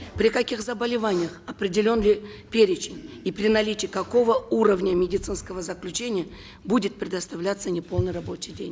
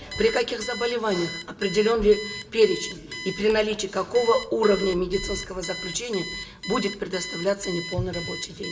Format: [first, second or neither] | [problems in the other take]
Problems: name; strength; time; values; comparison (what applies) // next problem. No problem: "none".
first | background sound (Alarm); 12 dB below the speech // room echo; dies away in 0.7 s